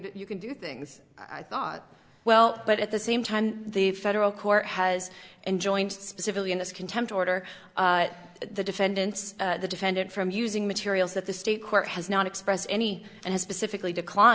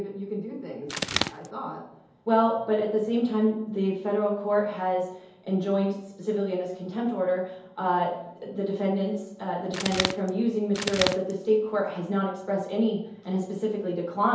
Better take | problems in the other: first | background sound (Bird); 3 dB below the speech // room echo; dies away in 0.8 s

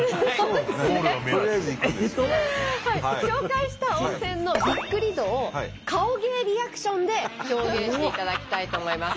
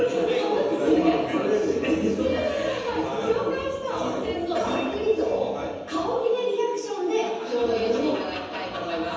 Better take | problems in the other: first | room echo; dies away in 1.1 s

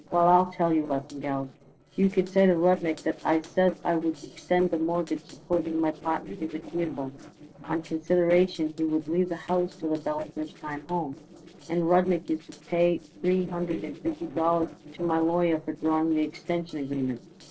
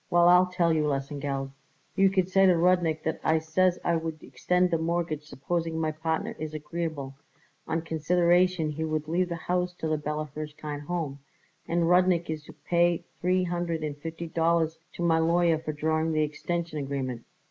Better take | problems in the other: second | noise reduction (neural separator model SepFormer DNS4)

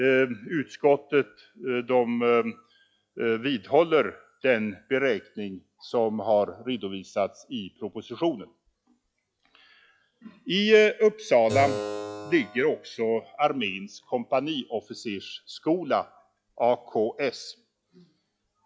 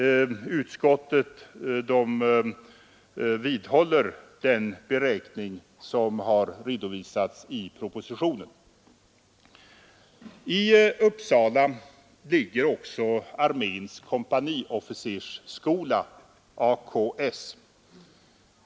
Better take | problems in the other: second | noise reduction (classical method log-MMSE)

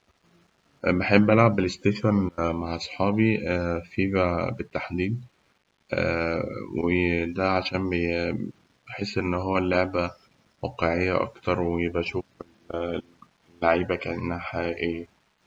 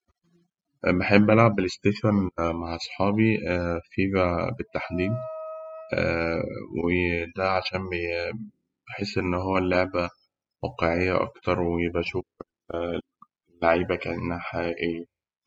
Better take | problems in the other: first | noise reduction (classical method spectral subtraction)

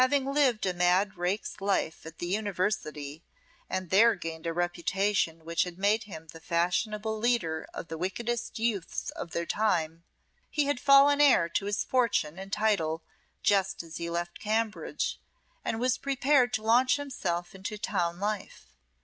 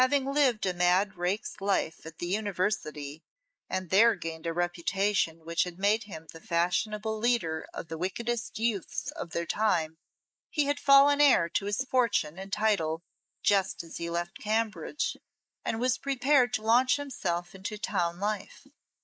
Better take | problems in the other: first | noise reduction (neural mask model Resemble Enhance denoiser)

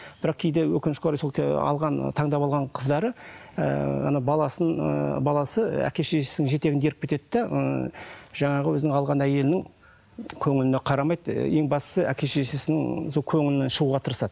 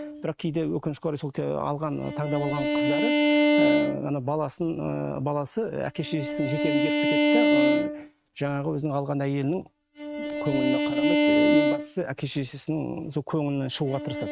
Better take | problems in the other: first | noise reduction (neural mask model RNNoise)

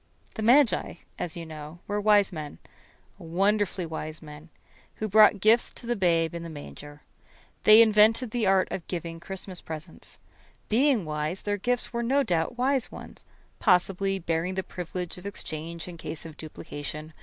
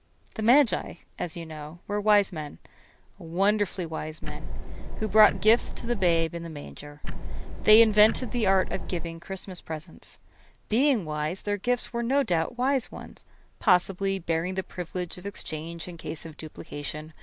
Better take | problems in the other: first | background sound (Tick-tock); 2 dB above the speech

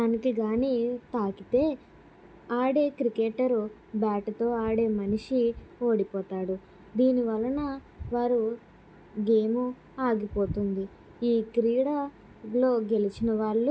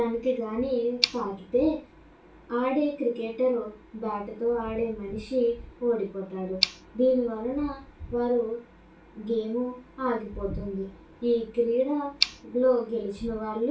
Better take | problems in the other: first | background sound (Tick); 11 dB below the speech // room echo; dies away in 0.2 s

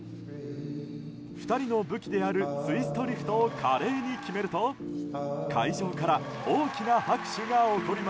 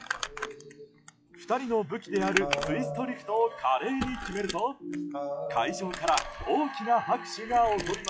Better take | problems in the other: first | noise reduction (classical method log-MMSE)

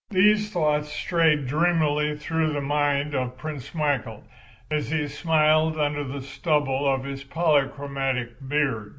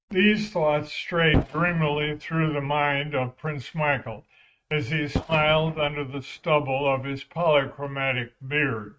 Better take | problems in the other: first | noise reduction (neural mask model RNNoise)

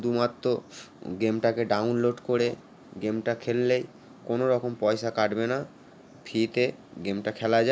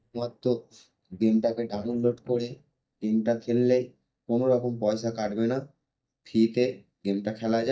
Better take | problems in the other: first | noise reduction (neural mask model DeepFilterNet 3)

